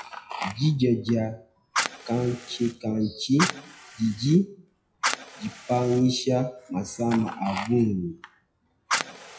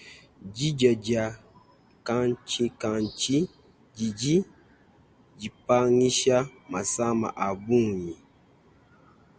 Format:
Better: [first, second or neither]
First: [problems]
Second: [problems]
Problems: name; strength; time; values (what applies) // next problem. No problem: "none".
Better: second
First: noise reduction (classical method WPE with log-MMSE)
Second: none